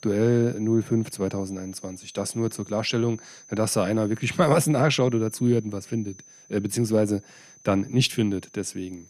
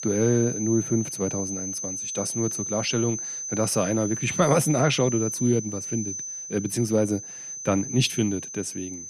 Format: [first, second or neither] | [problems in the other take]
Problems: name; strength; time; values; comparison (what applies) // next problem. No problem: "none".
first | high-pitched whine; loud; throughout; 6 kHz, 5 dB below the speech; faint in the first